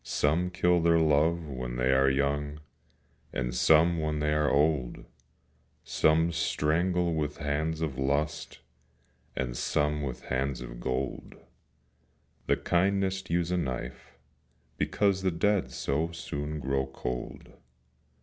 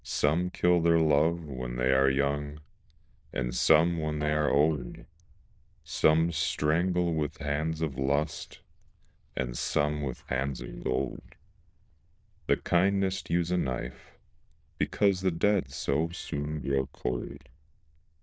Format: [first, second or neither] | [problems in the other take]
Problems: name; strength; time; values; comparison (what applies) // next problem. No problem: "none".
first | noise reduction (neural diffusion model UNIVERSE++)